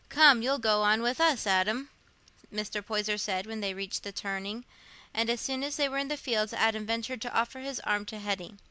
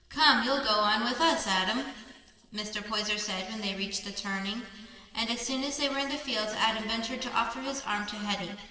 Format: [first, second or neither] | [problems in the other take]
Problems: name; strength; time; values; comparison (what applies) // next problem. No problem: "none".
first | noise reduction (neural separator model SepFormer DNS4)